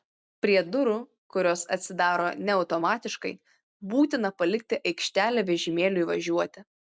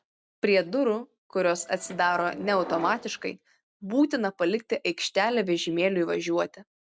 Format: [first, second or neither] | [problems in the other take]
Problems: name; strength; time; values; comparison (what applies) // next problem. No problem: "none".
first | background sound (Subway, metro, underground); 14 dB below the speech